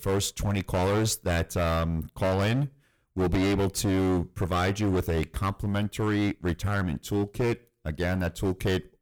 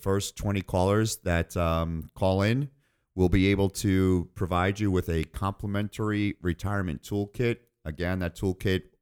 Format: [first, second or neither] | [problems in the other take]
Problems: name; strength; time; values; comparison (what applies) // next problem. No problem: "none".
second | distortion; heavy; 17% of the sound clipped